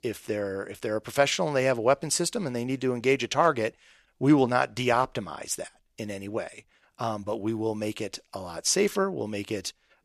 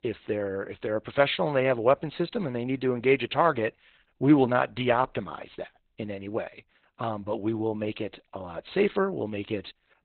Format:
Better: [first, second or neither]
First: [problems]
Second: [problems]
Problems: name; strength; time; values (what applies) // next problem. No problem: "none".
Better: first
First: none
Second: garbled, watery; badly; nothing above 4 kHz